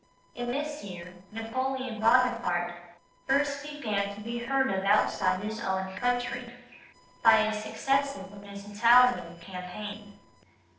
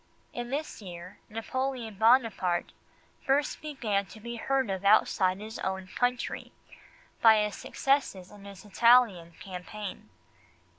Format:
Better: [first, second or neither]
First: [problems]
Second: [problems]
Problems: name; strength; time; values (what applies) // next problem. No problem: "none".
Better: second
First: noise reduction (neural separator model SepFormer DNS4)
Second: none